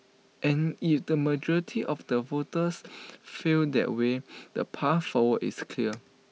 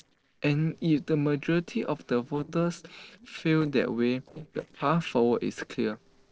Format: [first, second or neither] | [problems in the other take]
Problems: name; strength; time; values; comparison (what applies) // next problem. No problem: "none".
first | noise reduction (neural separator model SepFormer DNS4)